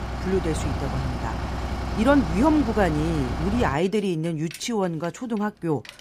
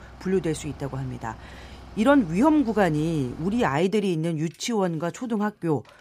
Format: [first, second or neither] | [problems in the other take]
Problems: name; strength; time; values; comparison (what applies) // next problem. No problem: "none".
second | traffic noise; loud; throughout; 6 dB below the speech; faint in the second